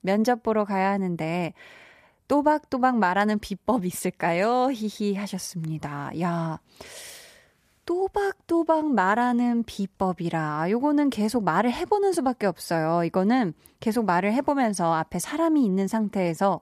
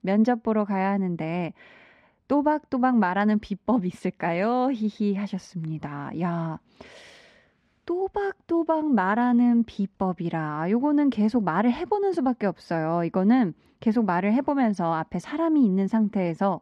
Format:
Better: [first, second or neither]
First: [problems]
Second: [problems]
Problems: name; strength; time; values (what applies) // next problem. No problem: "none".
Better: first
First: none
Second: muffled; slightly; fading above 3.5 kHz